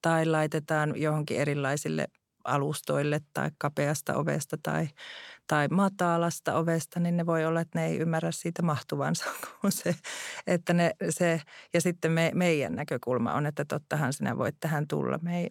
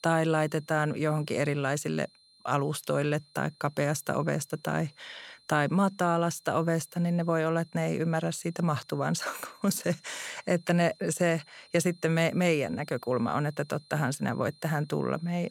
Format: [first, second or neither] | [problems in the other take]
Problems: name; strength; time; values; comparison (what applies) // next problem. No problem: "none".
first | high-pitched whine; faint; throughout; 4 kHz, 30 dB below the speech